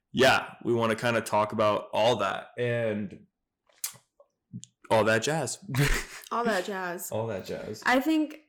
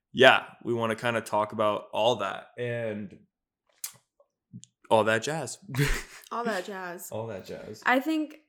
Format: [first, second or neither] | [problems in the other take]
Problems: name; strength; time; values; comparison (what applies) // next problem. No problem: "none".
second | distortion; heavy; 8 dB below the speech